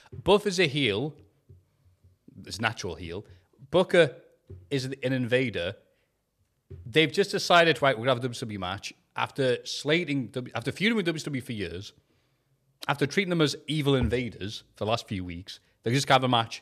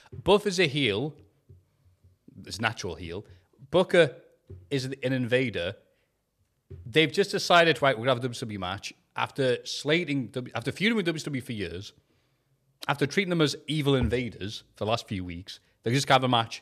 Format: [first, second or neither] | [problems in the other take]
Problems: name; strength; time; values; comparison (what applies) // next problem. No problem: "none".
neither | none